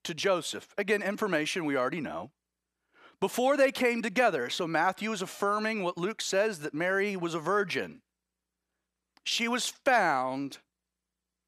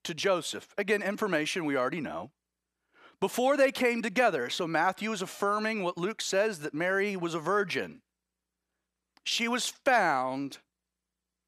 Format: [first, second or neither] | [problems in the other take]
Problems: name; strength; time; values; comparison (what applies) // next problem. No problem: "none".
neither | none